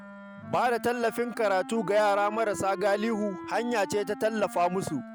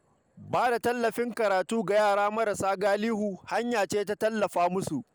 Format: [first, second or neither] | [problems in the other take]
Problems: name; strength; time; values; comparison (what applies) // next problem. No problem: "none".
second | background sound (Wind instrument, woodwind instrument); 14 dB below the speech